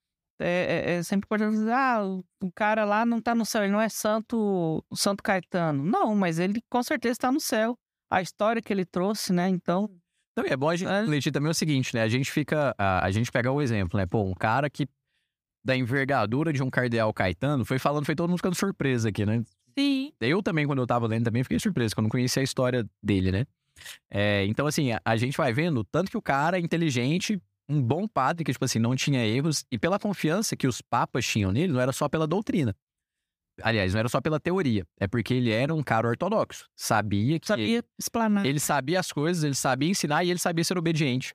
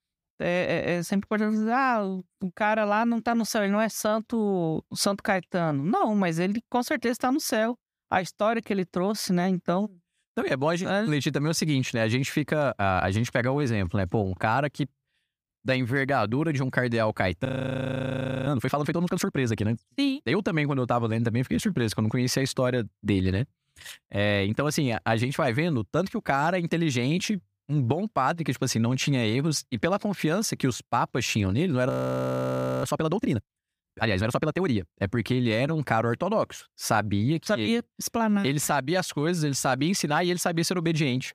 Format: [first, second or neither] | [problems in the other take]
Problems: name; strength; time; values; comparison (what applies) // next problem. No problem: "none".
first | audio freezing; at 17 s for 1 s and at 32 s for 1 s